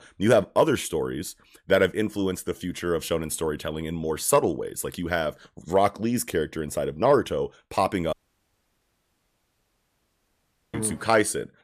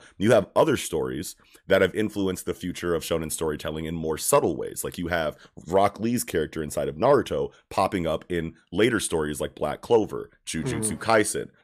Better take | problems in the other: second | audio cutting out; at 8 s for 2.5 s

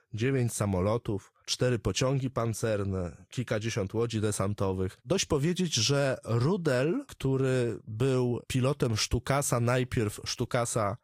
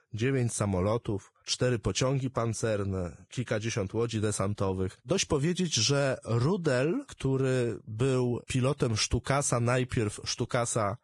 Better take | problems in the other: first | garbled, watery; badly; nothing above 10 kHz; slightly in the first

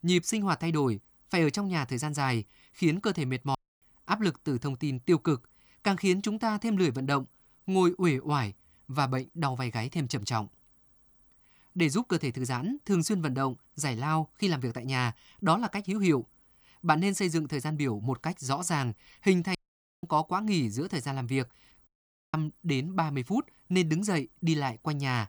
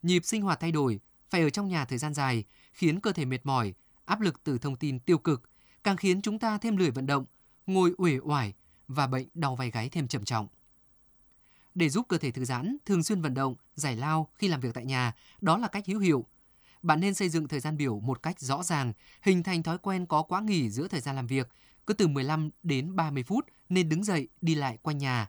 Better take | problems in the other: second | audio cutting out; at 3.5 s, at 20 s and at 22 s

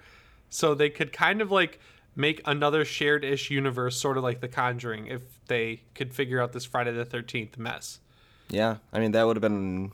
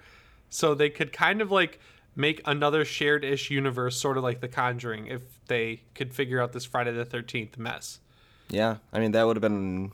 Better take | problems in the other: neither | none

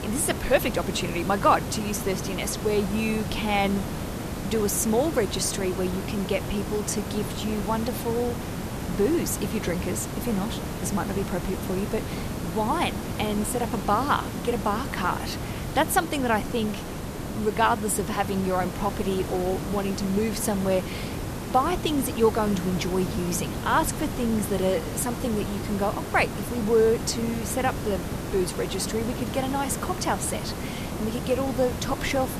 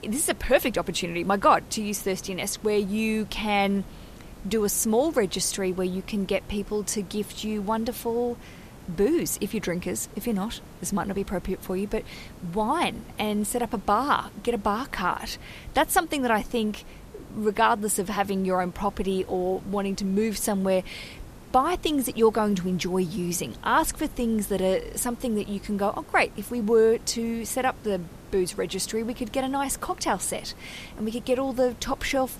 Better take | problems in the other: second | hiss; loud; throughout; 6 dB below the speech; faint in the second

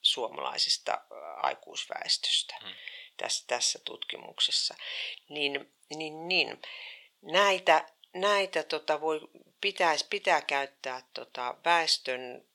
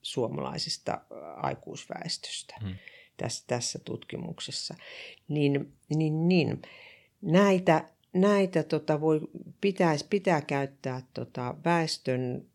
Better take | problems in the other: second | thin; very; fading below 800 Hz

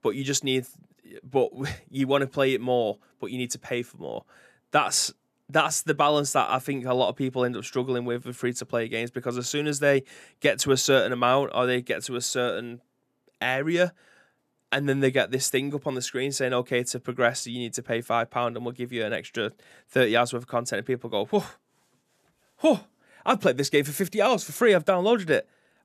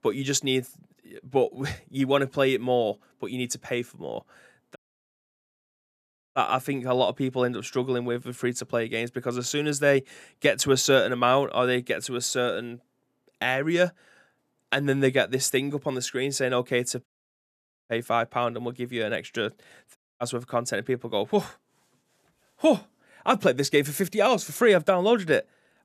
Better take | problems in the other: first | audio cutting out; at 5 s for 1.5 s, at 17 s for 1 s and at 20 s

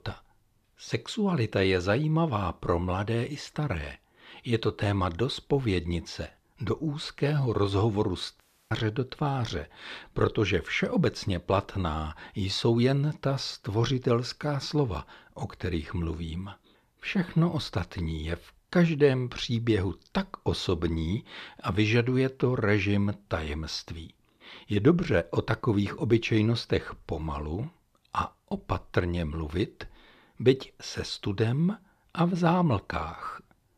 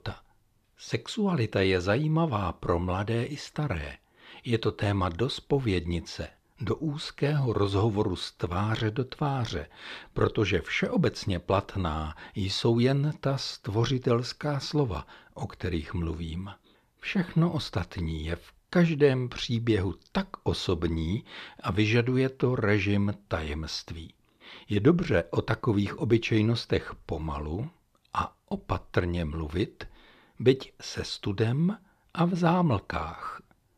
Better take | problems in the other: second | audio cutting out; at 8.5 s

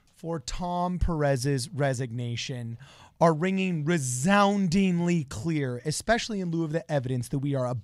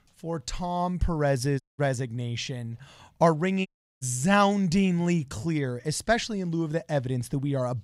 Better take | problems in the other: first | audio cutting out; at 1.5 s and at 3.5 s

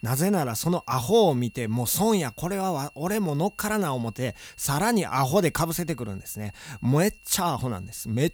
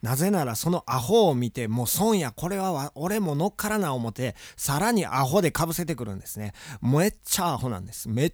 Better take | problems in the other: second | high-pitched whine; faint; throughout; 2.5 kHz, 25 dB below the speech

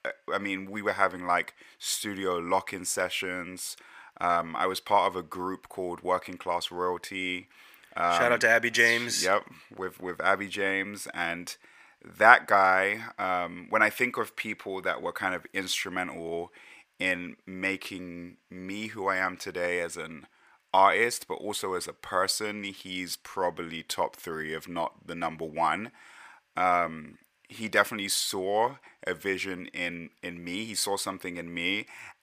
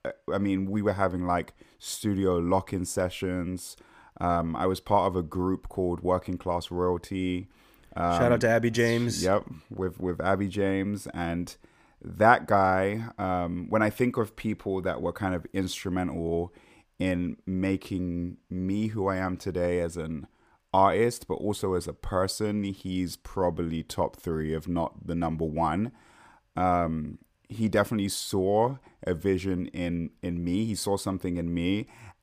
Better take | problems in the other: second | thin; somewhat; fading below 1 kHz

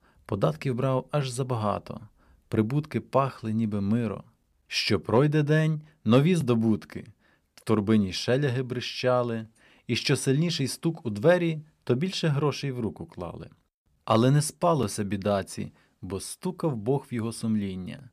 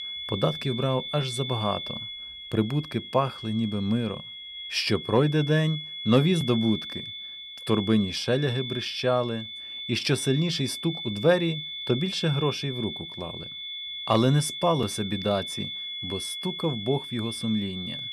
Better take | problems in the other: first | high-pitched whine; loud; throughout; 3.5 kHz, 7 dB below the speech

